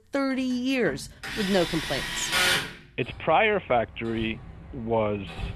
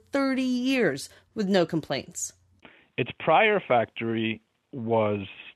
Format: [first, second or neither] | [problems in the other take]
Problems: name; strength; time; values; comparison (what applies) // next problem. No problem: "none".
second | machinery noise; loud; throughout; as loud as the speech